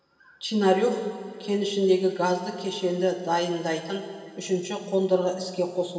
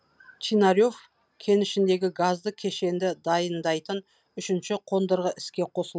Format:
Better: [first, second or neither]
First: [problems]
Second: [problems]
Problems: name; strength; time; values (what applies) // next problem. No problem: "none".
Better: second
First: room echo; dies away in 2.5 s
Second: none